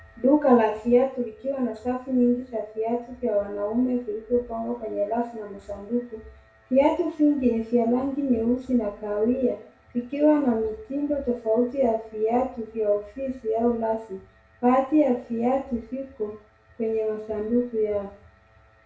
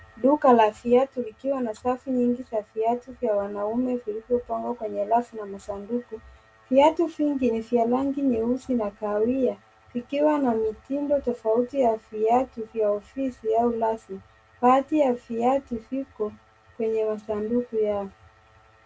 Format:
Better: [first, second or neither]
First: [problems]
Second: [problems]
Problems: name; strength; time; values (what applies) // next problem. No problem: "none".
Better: second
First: room echo; dies away in 0.4 s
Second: none